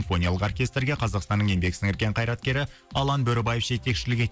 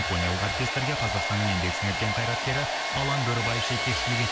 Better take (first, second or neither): first